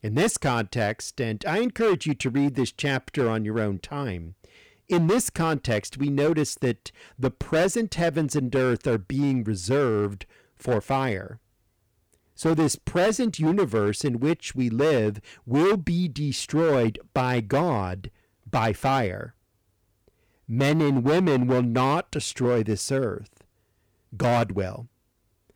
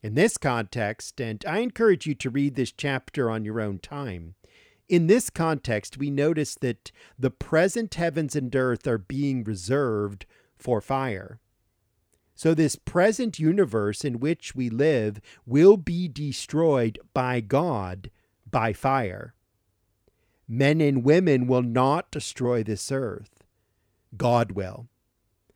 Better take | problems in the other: second | distortion; heavy; 9% of the sound clipped

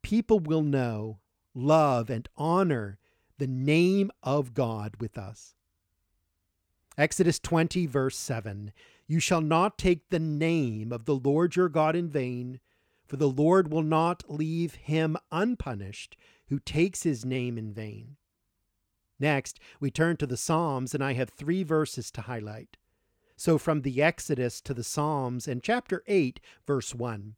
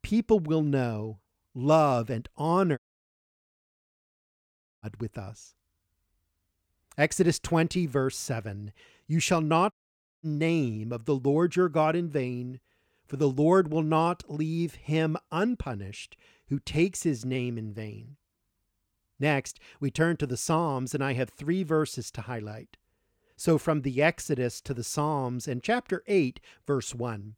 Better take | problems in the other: first | audio cutting out; at 3 s for 2 s and at 9.5 s for 0.5 s

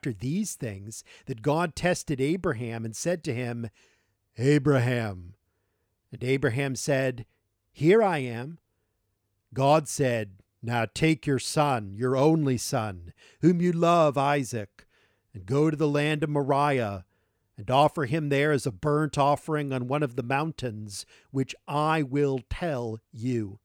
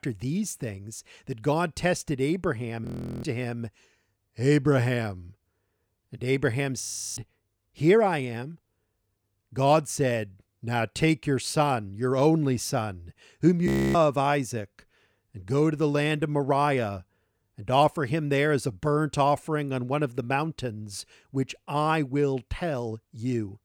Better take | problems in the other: first | audio freezing; at 3 s, at 7 s and at 14 s

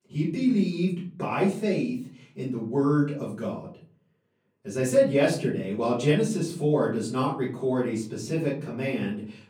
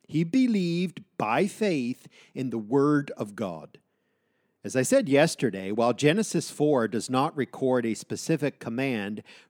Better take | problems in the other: second | off-mic speech; far // room echo; slight; dies away in 0.5 s

